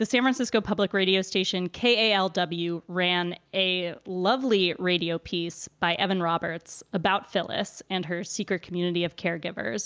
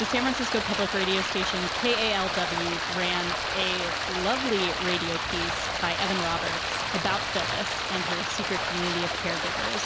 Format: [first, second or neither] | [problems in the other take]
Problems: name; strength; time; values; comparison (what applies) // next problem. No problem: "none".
first | background sound (Stream); 1 dB above the speech